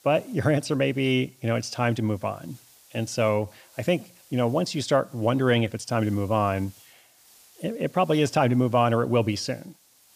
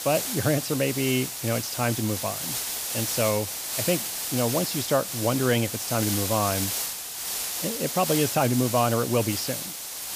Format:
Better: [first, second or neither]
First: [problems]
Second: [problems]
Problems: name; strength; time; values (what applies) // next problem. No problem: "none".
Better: first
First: hiss; faint; throughout; 30 dB below the speech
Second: hiss; loud; throughout; 2 dB below the speech